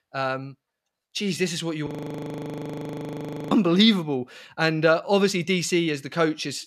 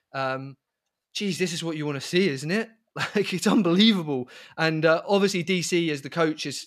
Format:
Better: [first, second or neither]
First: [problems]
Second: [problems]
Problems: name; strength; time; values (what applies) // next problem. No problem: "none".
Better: second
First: audio freezing; at 2 s for 1.5 s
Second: none